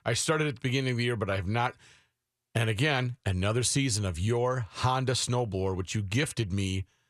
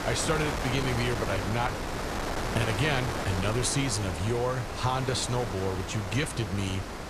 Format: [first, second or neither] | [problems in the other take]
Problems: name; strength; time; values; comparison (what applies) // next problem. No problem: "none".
first | wind noise on the microphone; heavy; 2 dB below the speech